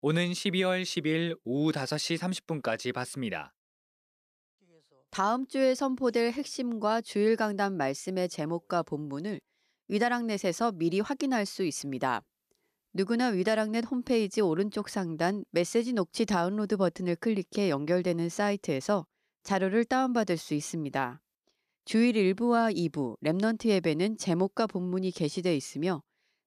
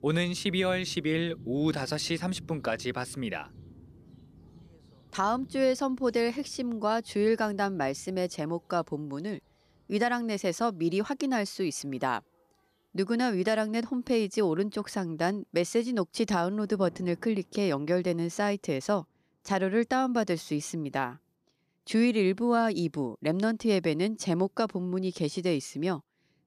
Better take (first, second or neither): first